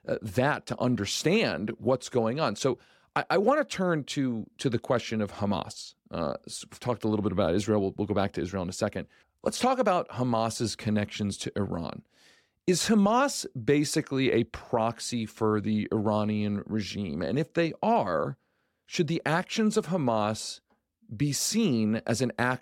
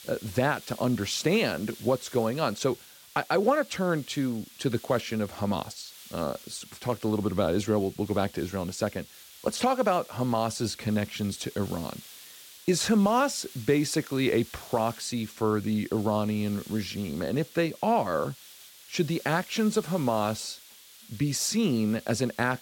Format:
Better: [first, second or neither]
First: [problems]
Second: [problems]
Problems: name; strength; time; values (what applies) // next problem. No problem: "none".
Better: first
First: none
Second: hiss; noticeable; throughout; 20 dB below the speech